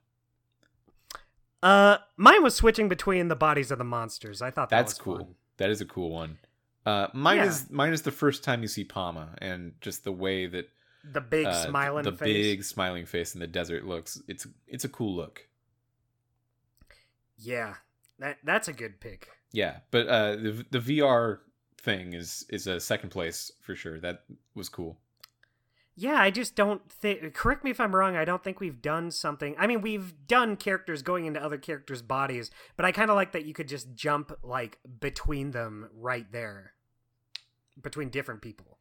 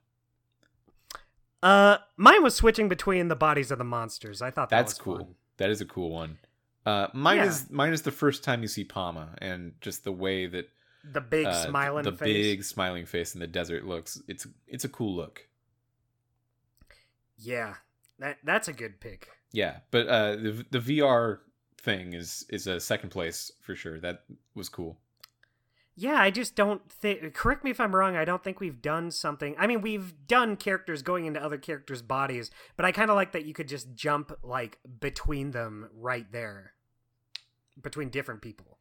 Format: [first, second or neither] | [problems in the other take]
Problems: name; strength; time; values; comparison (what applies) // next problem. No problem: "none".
neither | none